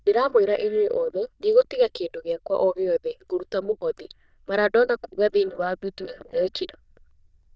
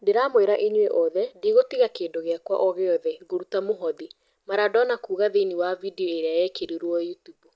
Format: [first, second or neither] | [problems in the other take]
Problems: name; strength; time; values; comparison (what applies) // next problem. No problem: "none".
second | noise reduction (neural diffusion model UNIVERSE++)